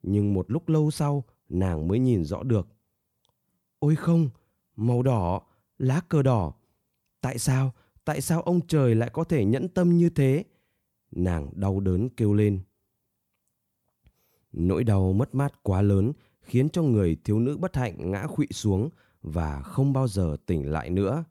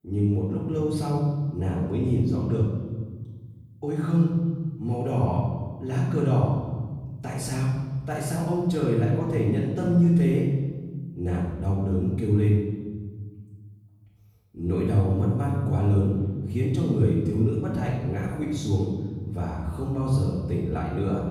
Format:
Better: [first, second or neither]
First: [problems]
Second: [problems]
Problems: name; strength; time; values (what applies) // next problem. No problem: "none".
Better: first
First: none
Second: off-mic speech; far // room echo; noticeable; dies away in 1.6 s